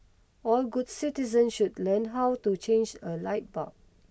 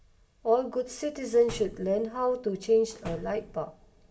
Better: first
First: none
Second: background sound (Slam); 16 dB below the speech // room echo; dies away in 0.5 s

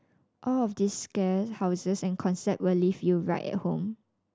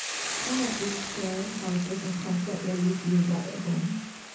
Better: first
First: none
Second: background sound (Boiling / Hiss); 7 dB below the speech // room echo; dies away in 0.6 s

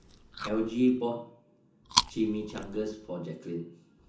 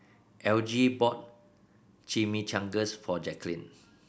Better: second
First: background sound (Chewing, mastication); 5 dB below the speech // room echo; dies away in 0.6 s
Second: none

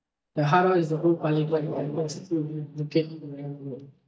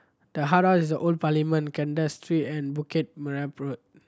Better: second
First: noise reduction (neural mask model DeepFilterNet 3)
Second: none

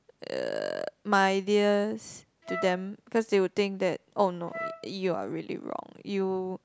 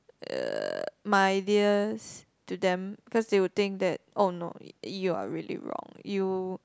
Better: second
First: background sound (Wind instrument, woodwind instrument); 11 dB below the speech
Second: none

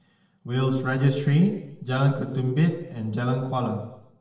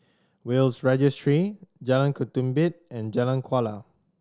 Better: second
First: room echo; dies away in 0.9 s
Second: none

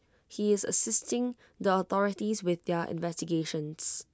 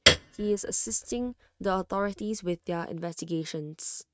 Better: first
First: none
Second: noise reduction (neural mask model RNNoise)

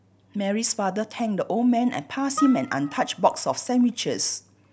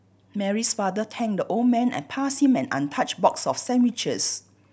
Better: second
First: background sound (Harp); 14 dB below the speech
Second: none

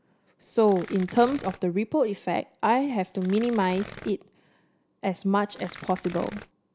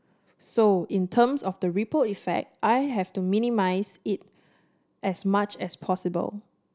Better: second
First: background sound (Tearing); 18 dB below the speech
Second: none

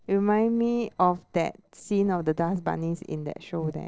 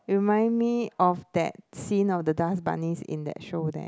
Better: second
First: noise reduction (neural separator model SepFormer DNS4)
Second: none

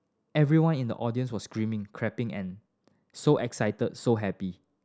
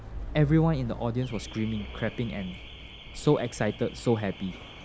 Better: first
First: none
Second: background sound (Alarm / Car); 12 dB below the speech

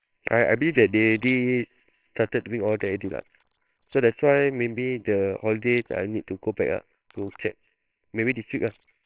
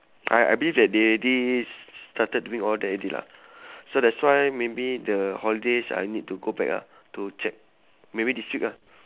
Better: second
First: noise reduction (neural separator model SepFormer WHAMR!)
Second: none

